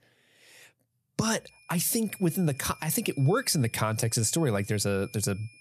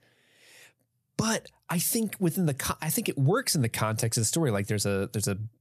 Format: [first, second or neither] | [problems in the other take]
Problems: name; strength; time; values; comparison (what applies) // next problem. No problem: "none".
second | high-pitched whine; faint; from 1.5 s on; 2.5 kHz, 25 dB below the speech